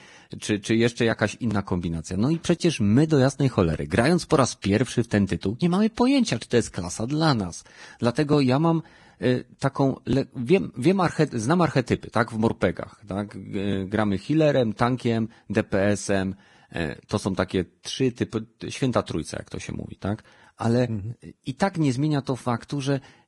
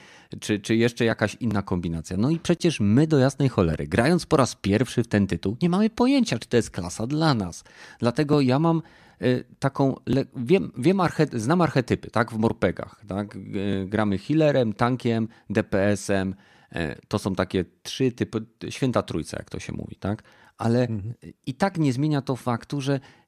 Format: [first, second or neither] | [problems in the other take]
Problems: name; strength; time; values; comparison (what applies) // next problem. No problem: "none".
second | garbled, watery; badly; nothing above 10 kHz